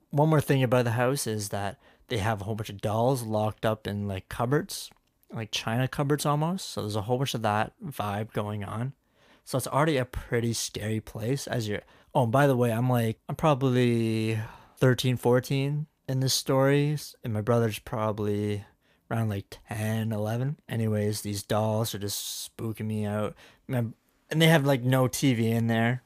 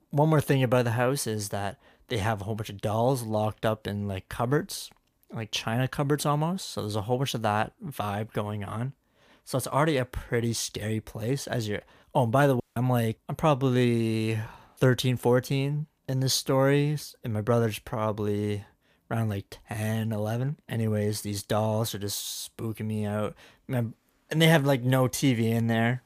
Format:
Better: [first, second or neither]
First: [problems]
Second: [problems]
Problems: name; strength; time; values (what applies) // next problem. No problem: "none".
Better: first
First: none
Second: audio cutting out; at 13 s